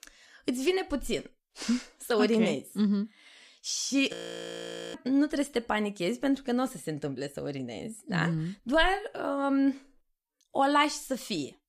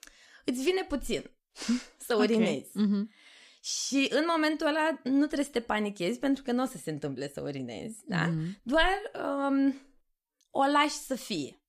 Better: second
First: audio freezing; at 4 s for 1 s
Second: none

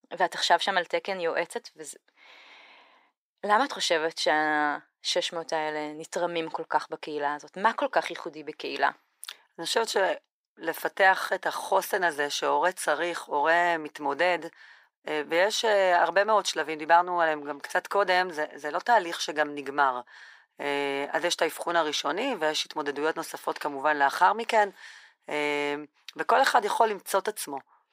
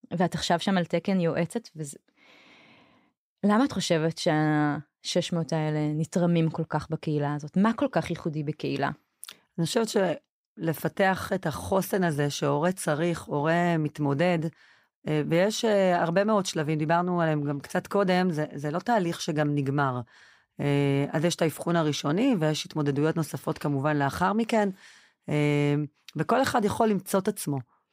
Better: second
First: thin; very; fading below 400 Hz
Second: none

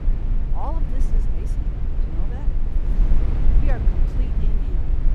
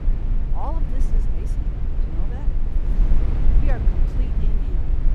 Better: neither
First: low rumble; loud; throughout; as loud as the speech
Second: low rumble; loud; throughout; as loud as the speech

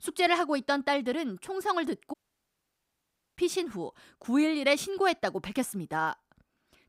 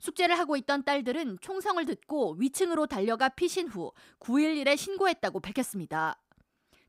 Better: second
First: audio cutting out; at 2 s for 1 s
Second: none

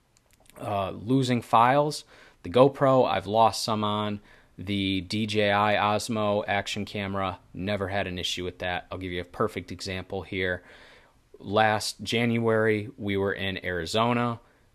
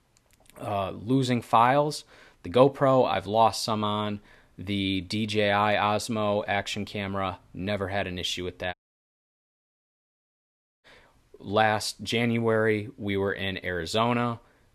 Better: first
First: none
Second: audio cutting out; at 8.5 s for 2 s

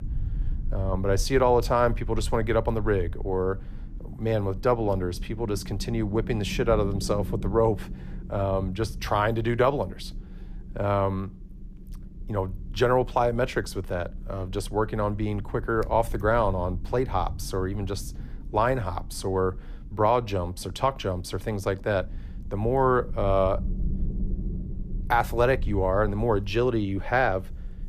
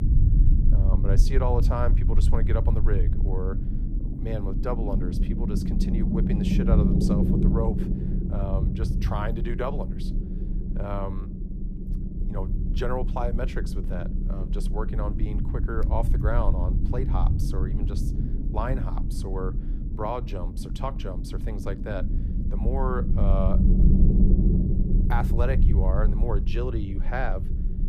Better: first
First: low rumble; faint; throughout; 25 dB below the speech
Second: low rumble; loud; throughout; 4 dB below the speech

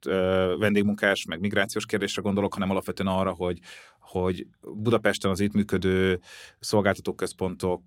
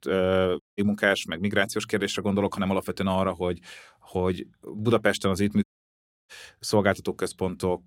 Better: first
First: none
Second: audio cutting out; at 0.5 s and at 5.5 s for 0.5 s

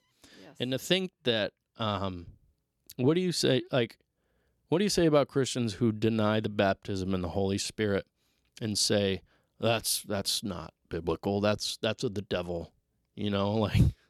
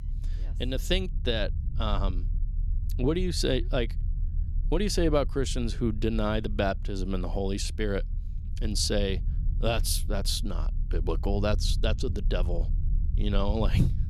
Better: first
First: none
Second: low rumble; noticeable; throughout; 20 dB below the speech

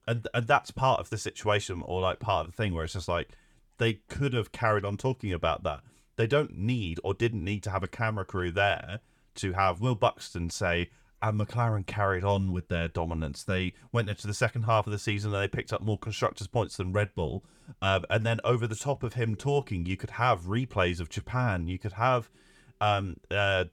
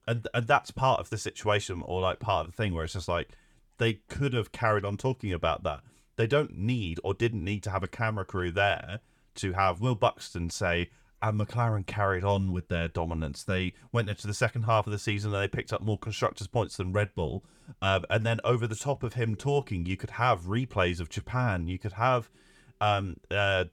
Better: neither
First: none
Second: none

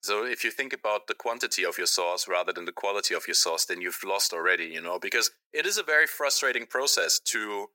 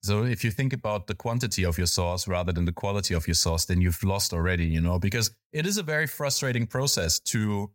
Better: second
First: thin; very; fading below 350 Hz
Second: none

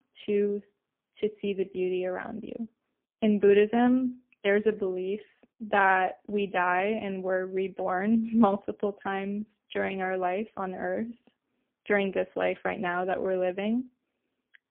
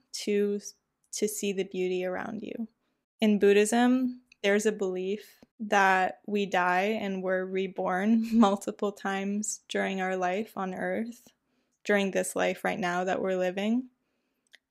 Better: second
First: phone-call audio; poor line; nothing above 3 kHz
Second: none

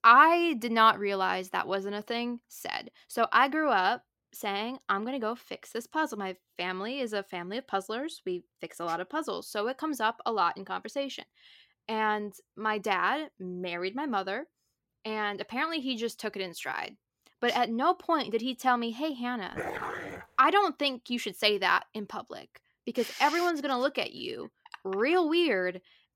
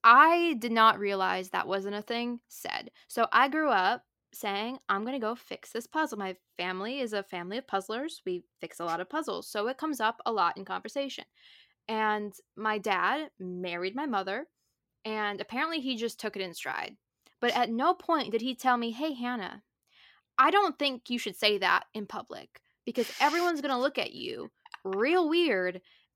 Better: second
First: dog barking; noticeable; at 20 s; peak 6 dB below the speech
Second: none

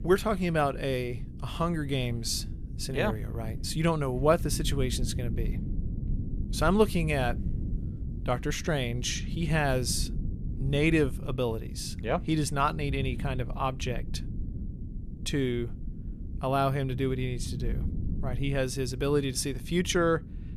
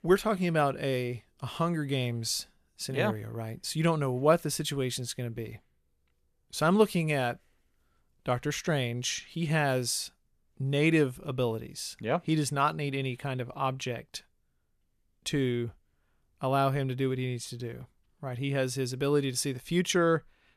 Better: second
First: low rumble; noticeable; throughout; 20 dB below the speech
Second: none

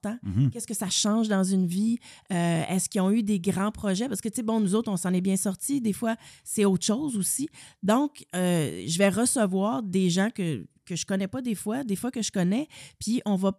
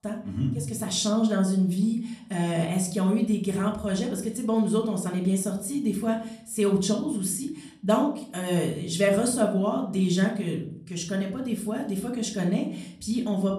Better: first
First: none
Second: room echo; slight; dies away in 0.5 s // off-mic speech; far

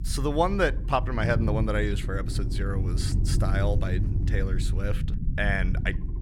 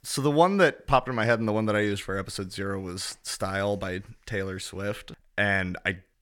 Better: second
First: low rumble; noticeable; throughout; 10 dB below the speech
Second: none

